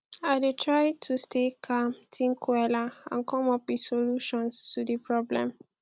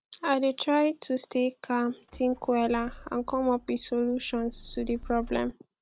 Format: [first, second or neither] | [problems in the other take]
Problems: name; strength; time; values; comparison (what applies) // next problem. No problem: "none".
first | background sound (Motor vehicle (road)); 17 dB below the speech